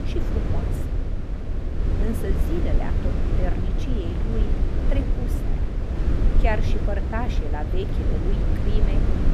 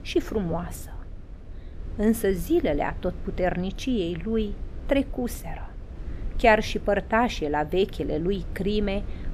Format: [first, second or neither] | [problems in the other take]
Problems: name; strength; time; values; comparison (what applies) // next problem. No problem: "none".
second | low rumble; loud; throughout; 2 dB below the speech; faint in the second